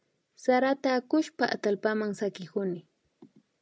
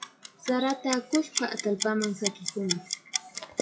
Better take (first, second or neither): first